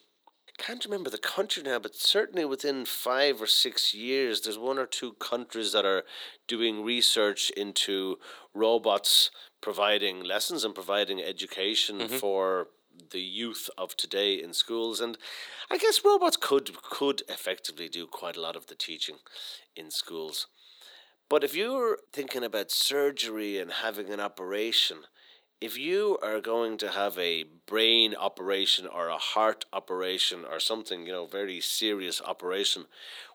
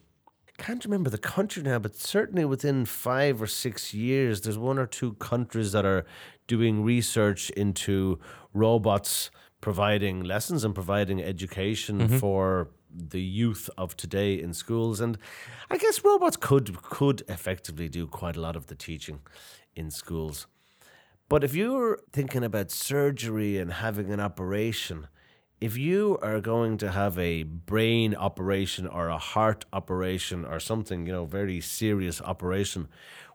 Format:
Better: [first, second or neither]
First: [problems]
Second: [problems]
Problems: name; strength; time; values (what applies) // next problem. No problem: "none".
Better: second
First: thin; somewhat; fading below 300 Hz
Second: none